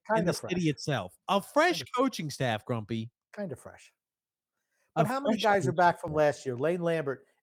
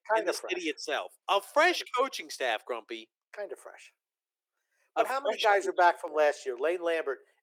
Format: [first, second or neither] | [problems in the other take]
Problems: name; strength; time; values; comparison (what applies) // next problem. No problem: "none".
first | thin; very; fading below 350 Hz